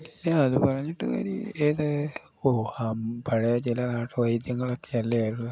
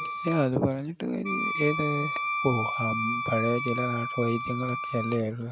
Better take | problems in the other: first | background sound (Wind instrument, woodwind instrument); 3 dB below the speech

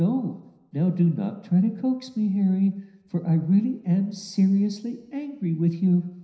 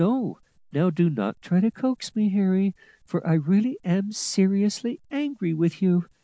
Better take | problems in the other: second | room echo; dies away in 0.9 s

